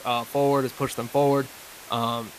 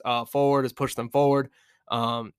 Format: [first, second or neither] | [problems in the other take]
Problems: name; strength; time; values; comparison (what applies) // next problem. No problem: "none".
second | hiss; noticeable; throughout; 15 dB below the speech